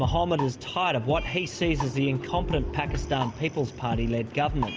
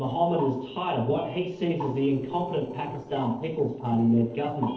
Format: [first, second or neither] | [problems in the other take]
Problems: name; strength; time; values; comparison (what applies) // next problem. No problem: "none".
first | noise reduction (neural separator model SepFormer DNS4)